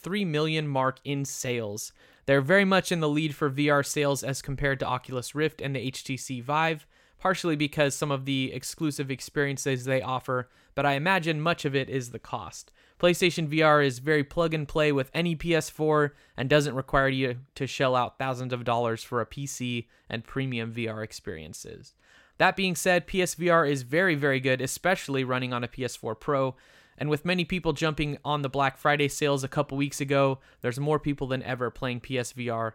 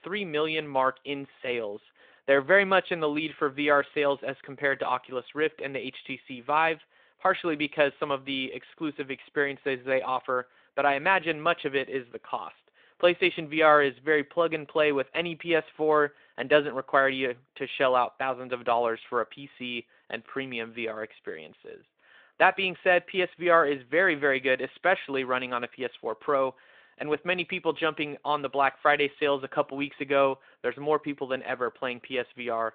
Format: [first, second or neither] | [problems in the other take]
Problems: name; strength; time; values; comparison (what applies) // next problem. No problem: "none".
first | phone-call audio; nothing above 3.5 kHz